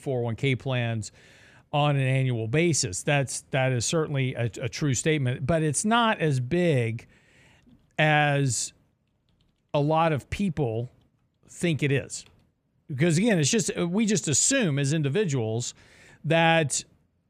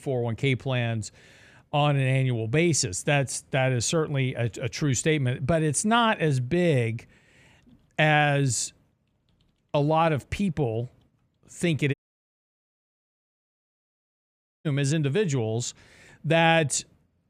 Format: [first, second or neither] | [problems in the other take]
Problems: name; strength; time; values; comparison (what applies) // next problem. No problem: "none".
first | audio cutting out; at 12 s for 2.5 s